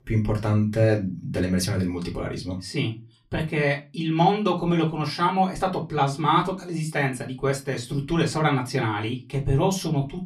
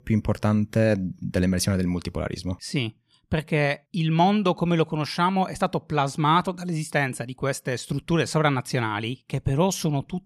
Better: second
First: off-mic speech; far // room echo; very slight; dies away in 0.2 s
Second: none

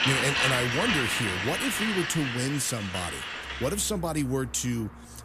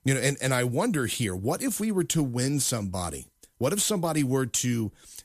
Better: second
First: traffic noise; very loud; throughout; 1 dB above the speech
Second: none

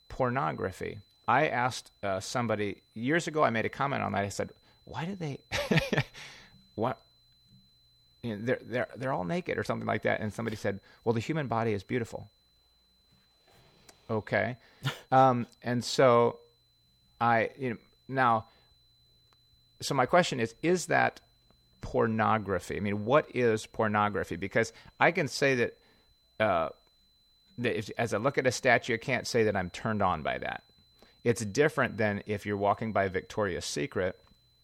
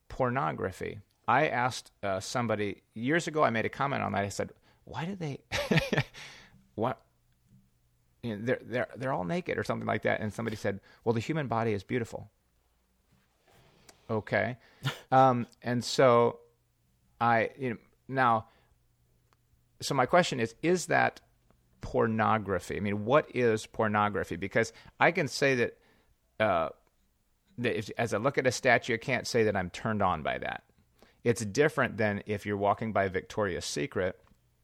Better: second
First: high-pitched whine; faint; throughout; 4 kHz, 35 dB below the speech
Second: none

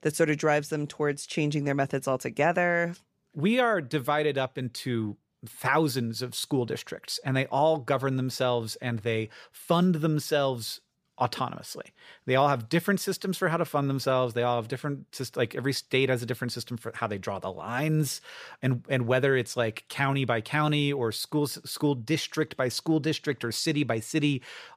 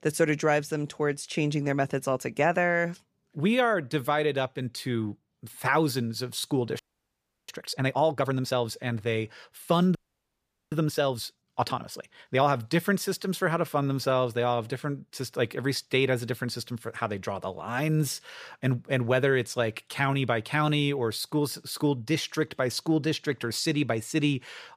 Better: first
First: none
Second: audio freezing; at 7 s for 0.5 s and at 10 s for 1 s

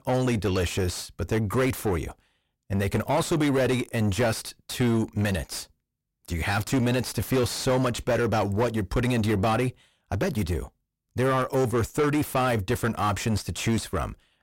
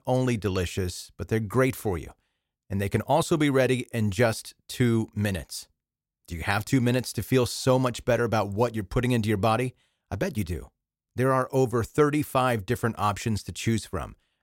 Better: second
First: distortion; heavy; 6 dB below the speech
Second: none

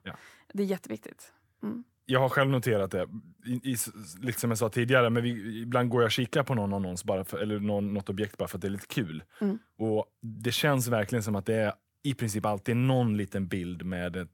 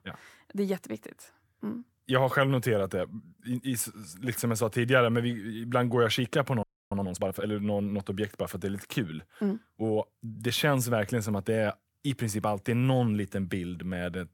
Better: first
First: none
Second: audio freezing; at 6.5 s

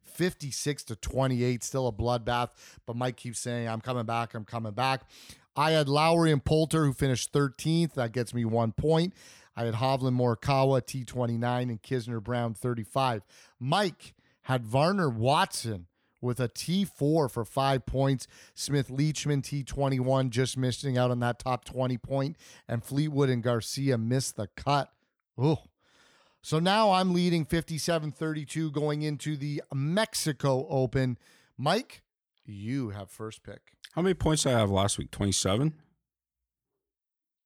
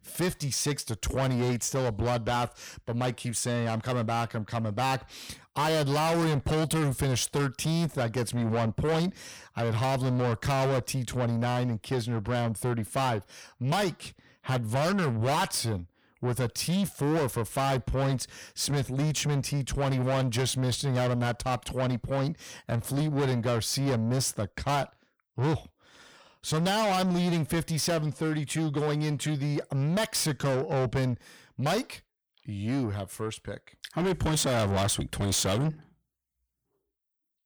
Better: first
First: none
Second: distortion; heavy; 7 dB below the speech

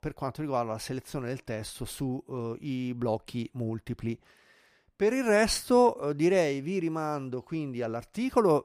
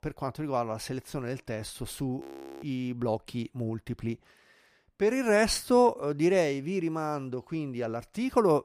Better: first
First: none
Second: audio freezing; at 2 s

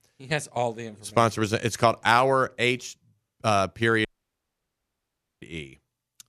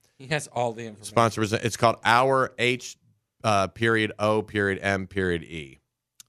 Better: second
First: audio cutting out; at 4 s for 1.5 s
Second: none

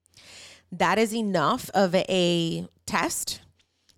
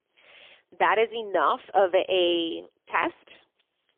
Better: first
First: none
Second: phone-call audio; poor line; nothing above 3.5 kHz

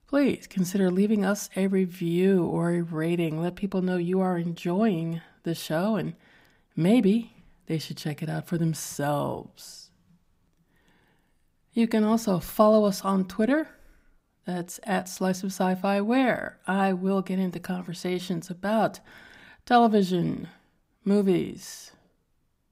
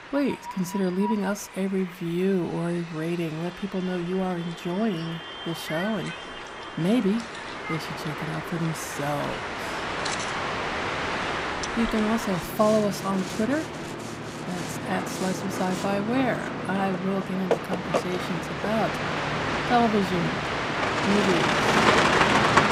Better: first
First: none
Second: train or aircraft noise; very loud; throughout; as loud as the speech

